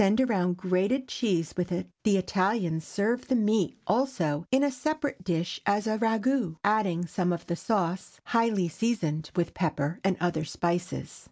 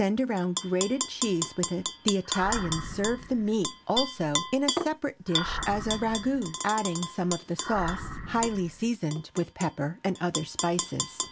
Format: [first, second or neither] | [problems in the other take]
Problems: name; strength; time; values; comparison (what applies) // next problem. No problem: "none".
first | background sound (Animal + Tap / Glass); 5 dB below the speech